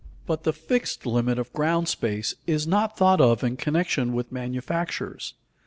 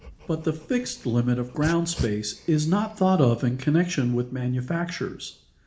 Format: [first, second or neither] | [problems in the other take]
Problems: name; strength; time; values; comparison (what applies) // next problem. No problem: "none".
first | background sound (Dog); 17 dB below the speech // room echo; dies away in 0.4 s